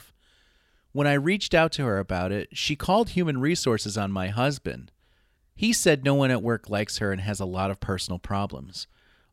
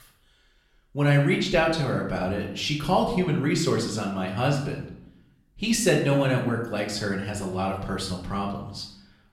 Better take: first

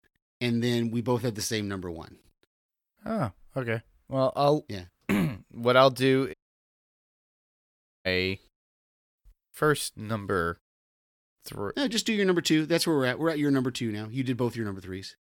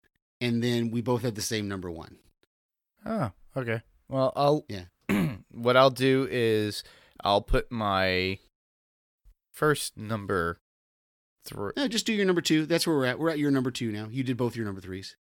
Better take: second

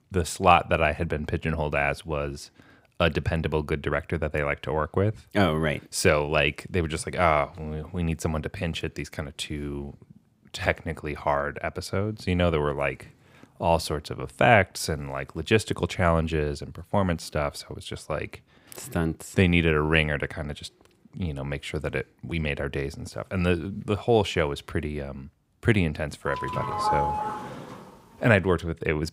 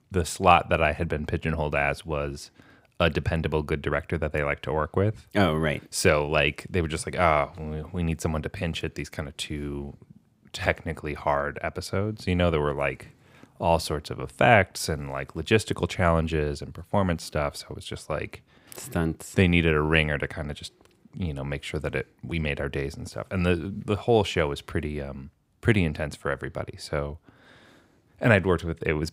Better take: second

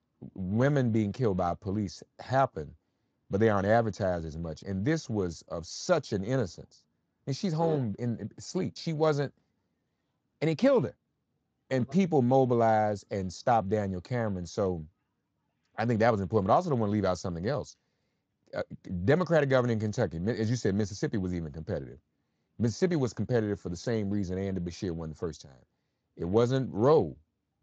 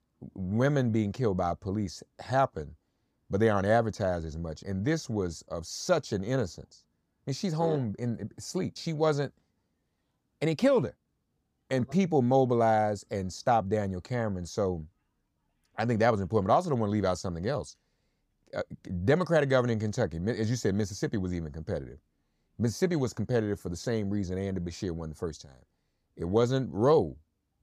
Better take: second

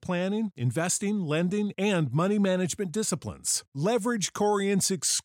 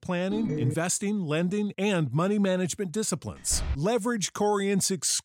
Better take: first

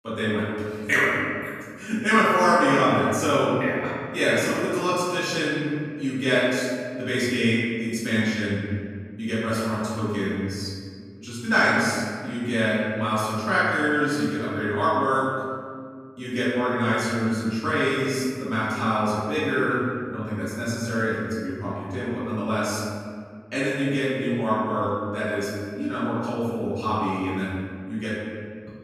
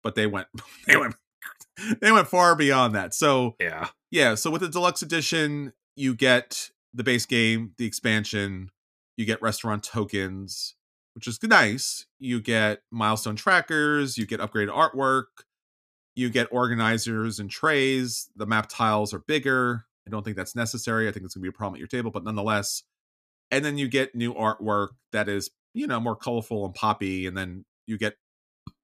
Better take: second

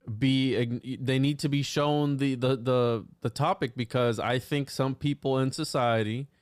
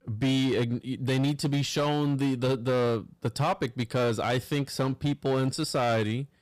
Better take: first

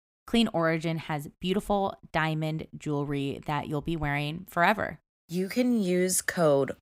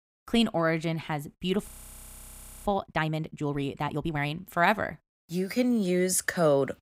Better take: first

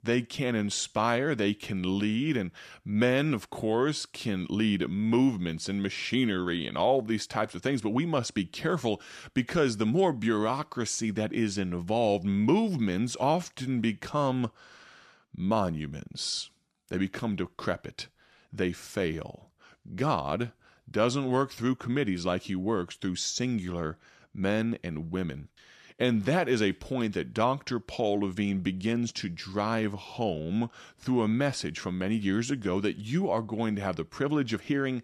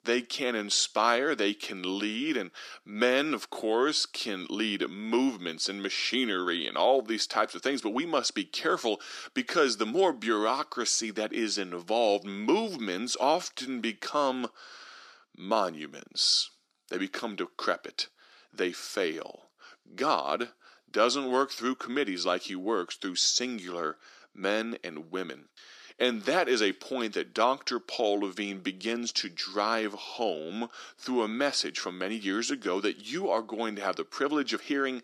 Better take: first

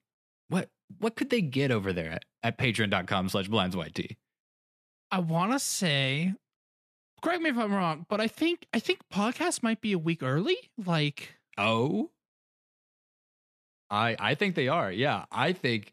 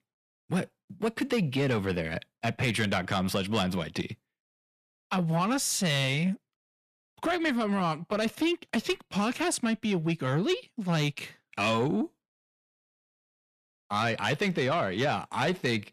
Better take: first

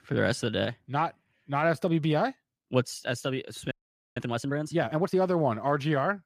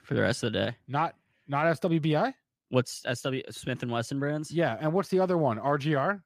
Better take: second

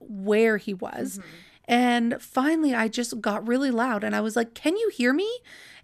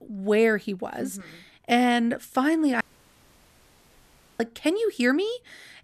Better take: first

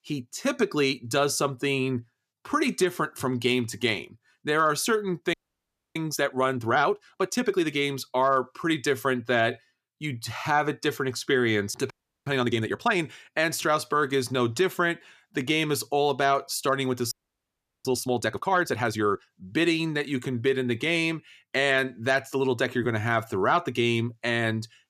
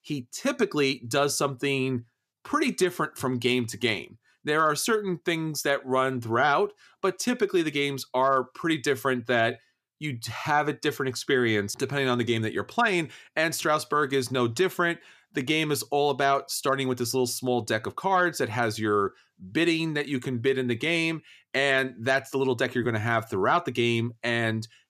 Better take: second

